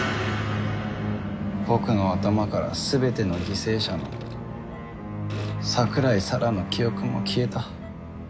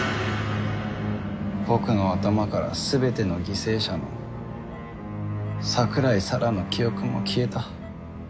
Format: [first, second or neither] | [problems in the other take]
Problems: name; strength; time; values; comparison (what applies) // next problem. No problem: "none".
second | background sound (Fart); 17 dB below the speech